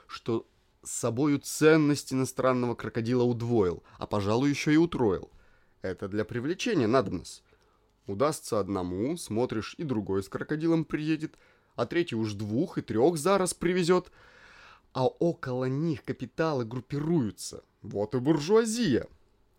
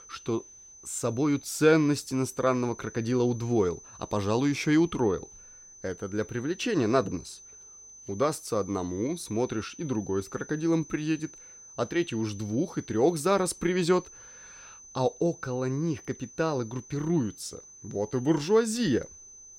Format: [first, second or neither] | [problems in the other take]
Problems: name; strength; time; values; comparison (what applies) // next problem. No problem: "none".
first | high-pitched whine; noticeable; throughout; 6 kHz, 20 dB below the speech